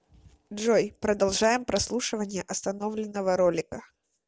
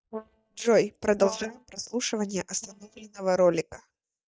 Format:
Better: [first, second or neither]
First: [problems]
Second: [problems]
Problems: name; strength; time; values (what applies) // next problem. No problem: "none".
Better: first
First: none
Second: noise reduction (neural mask model DeepFilterNet 3)